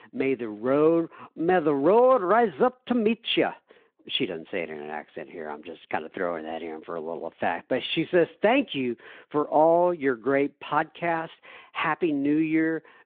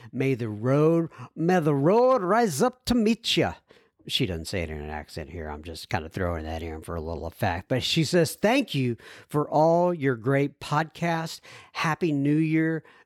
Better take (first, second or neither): second